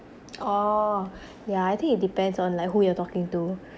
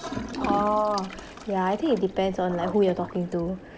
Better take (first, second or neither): first